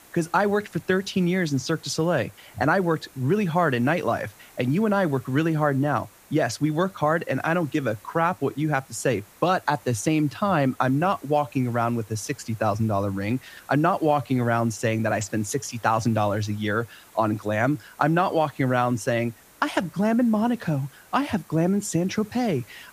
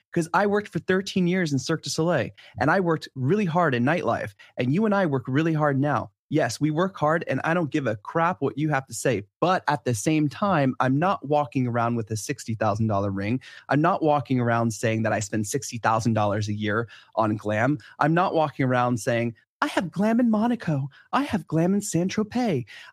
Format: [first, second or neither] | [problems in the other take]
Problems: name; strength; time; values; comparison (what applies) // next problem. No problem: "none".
second | hiss; faint; throughout; 25 dB below the speech